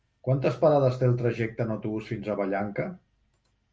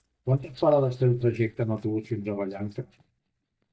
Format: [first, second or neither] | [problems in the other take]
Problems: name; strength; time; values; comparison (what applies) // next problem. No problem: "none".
first | noise reduction (neural mask model DeepFilterNet 3)